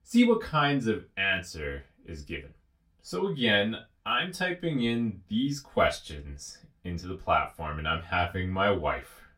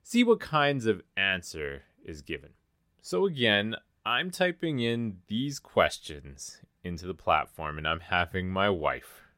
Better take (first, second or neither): second